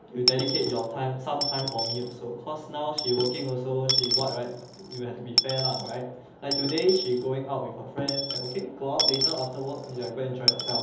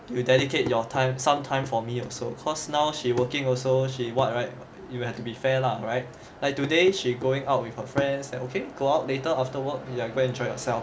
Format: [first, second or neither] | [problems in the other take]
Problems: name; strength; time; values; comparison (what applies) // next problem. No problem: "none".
second | background sound (Coin (dropping) / Dishes, pots, and pans); 1 dB below the speech // room echo; dies away in 0.8 s